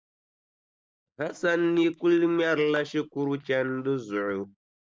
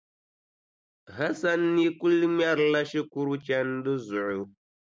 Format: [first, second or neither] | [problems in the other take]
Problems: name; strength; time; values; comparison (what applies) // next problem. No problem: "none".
second | noise reduction (neural mask model DeepFilterNet 3)